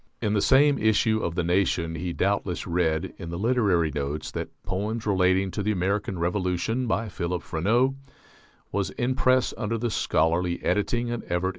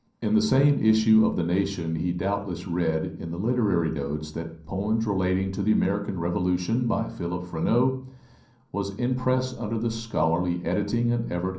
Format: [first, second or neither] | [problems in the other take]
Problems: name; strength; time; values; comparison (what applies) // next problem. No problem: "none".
first | room echo; dies away in 0.6 s